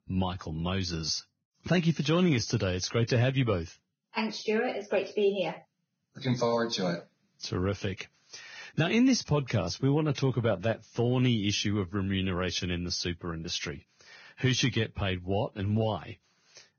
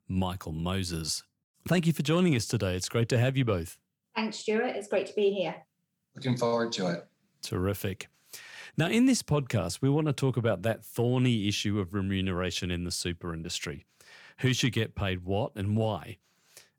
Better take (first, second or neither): second